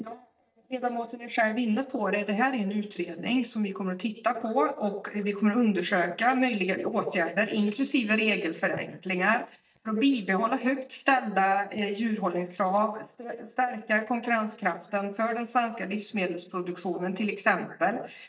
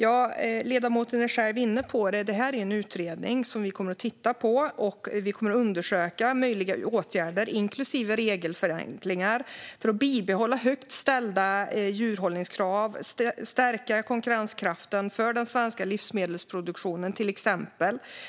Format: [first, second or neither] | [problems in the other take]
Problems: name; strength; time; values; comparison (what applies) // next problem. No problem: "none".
second | noise reduction (neural mask model DeepFilterNet 3)